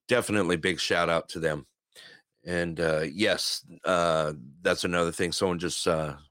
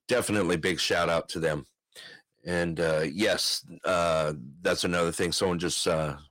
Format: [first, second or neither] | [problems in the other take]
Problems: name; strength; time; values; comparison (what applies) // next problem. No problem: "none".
first | distortion; slight; 10 dB below the speech